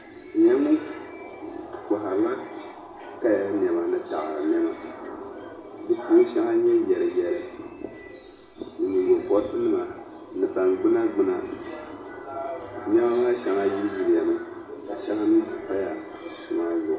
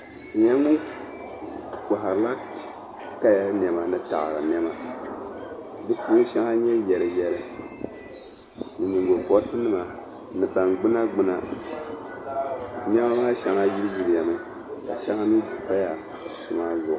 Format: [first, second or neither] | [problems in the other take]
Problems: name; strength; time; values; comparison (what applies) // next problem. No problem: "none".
second | room echo; dies away in 0.5 s